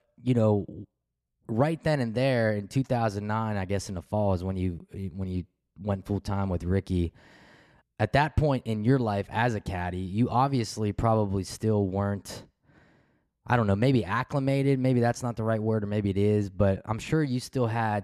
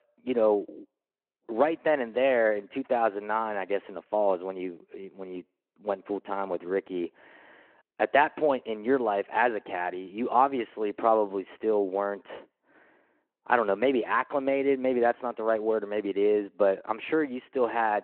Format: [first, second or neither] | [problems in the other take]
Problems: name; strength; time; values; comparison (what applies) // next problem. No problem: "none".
first | phone-call audio